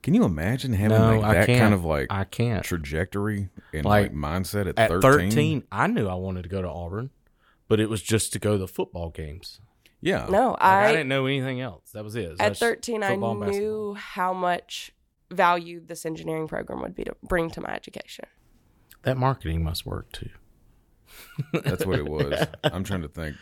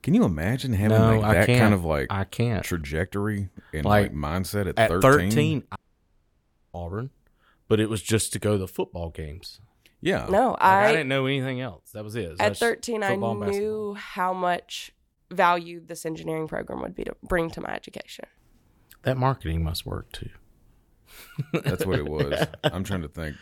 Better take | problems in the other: first | audio cutting out; at 6 s for 1 s

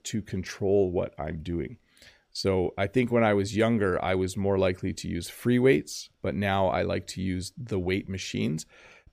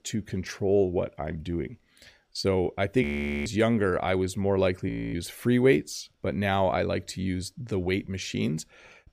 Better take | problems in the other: first | audio freezing; at 3 s and at 5 s

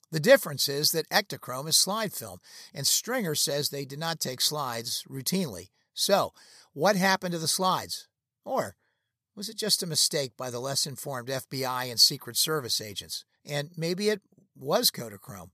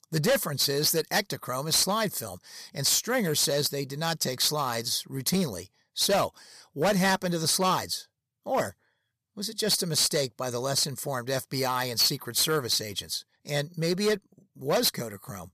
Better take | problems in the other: first | distortion; heavy; 6% of the sound clipped

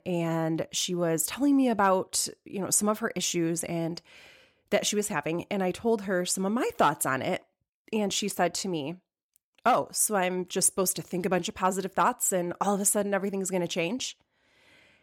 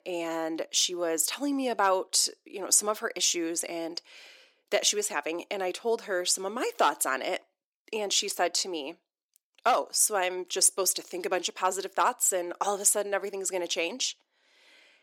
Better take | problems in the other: first | thin; somewhat; fading below 300 Hz

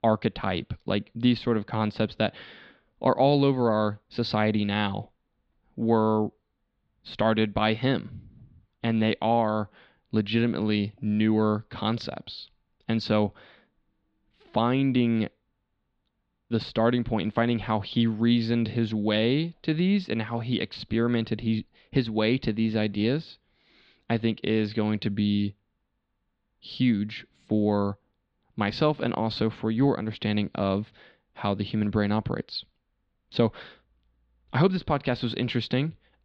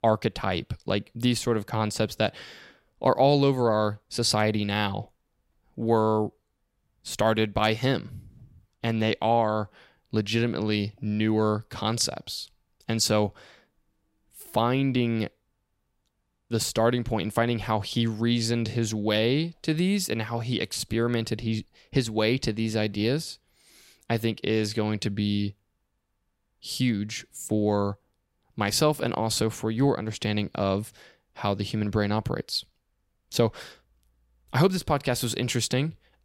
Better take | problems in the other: second | muffled; slightly; fading above 4 kHz

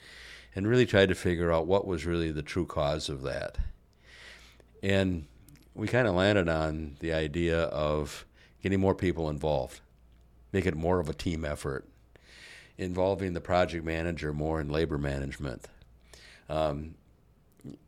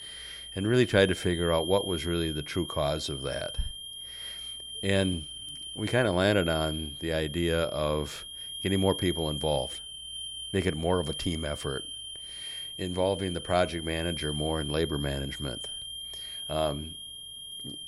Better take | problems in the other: first | high-pitched whine; loud; throughout; 3 kHz, 7 dB below the speech

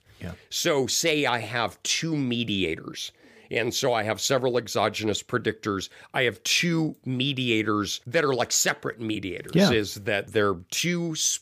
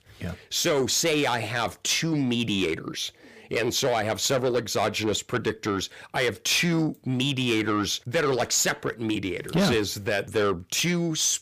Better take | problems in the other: first | distortion; slight; 10 dB below the speech

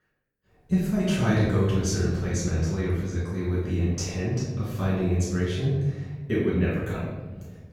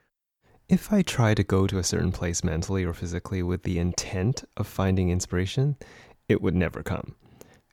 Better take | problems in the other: second | off-mic speech; far // room echo; noticeable; dies away in 1.2 s

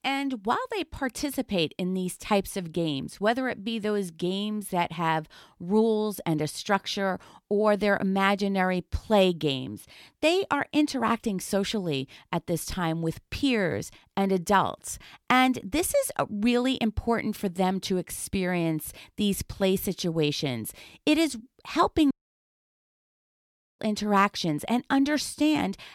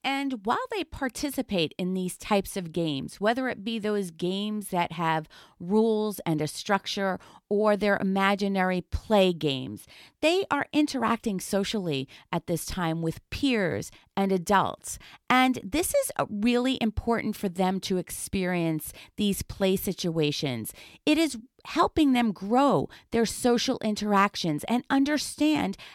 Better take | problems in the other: second | audio cutting out; at 22 s for 1.5 s

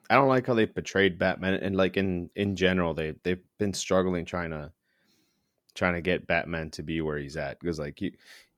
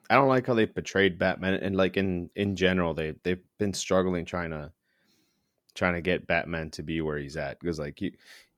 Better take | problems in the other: neither | none

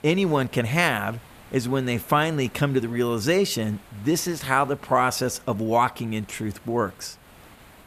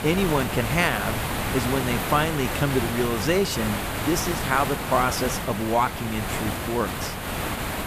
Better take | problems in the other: first | hiss; loud; throughout; 3 dB below the speech; faint in the first

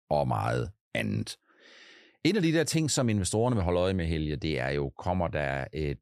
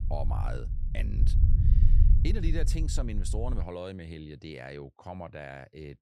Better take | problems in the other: first | low rumble; loud; until 3.5 s; 6 dB below the speech

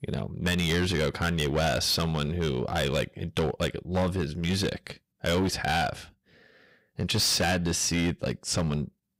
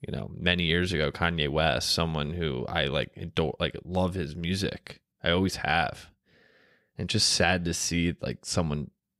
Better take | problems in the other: second | distortion; heavy; 12% of the sound clipped

